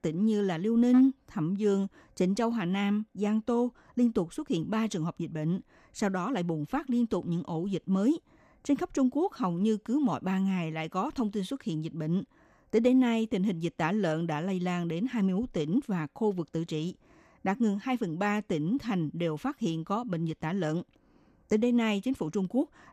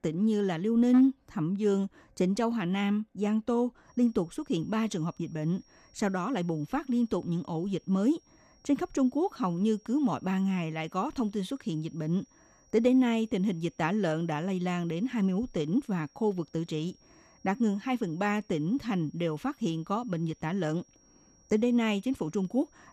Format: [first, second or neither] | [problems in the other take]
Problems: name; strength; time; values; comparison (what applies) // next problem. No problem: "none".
first | high-pitched whine; faint; from 4 s on; 5.5 kHz, 35 dB below the speech